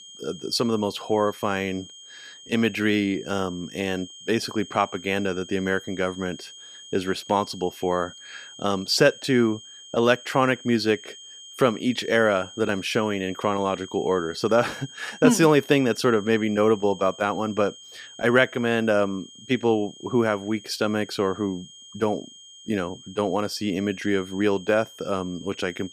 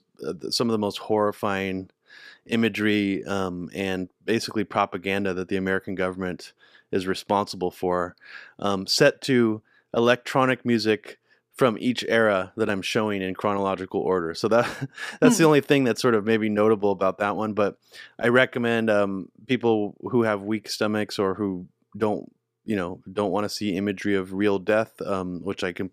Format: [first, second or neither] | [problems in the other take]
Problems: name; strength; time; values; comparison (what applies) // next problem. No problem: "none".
second | high-pitched whine; noticeable; throughout; 3 kHz, 20 dB below the speech